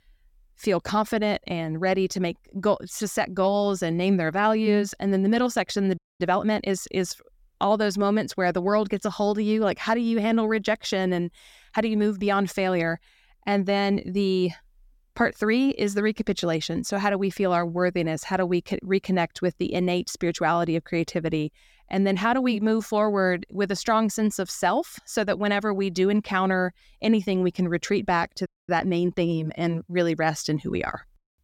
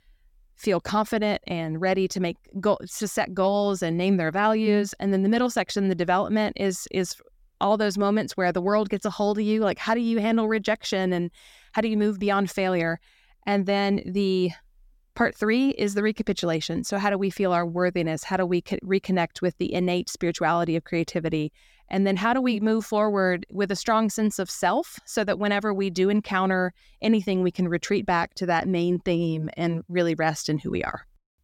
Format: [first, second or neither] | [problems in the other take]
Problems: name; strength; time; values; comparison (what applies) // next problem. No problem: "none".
second | audio freezing; at 6 s and at 28 s